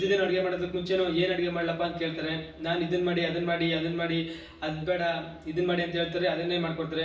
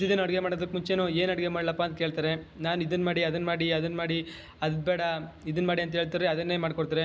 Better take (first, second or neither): second